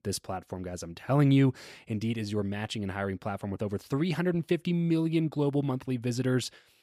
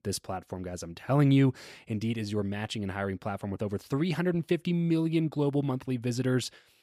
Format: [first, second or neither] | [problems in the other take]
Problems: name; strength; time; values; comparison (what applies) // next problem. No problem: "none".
neither | none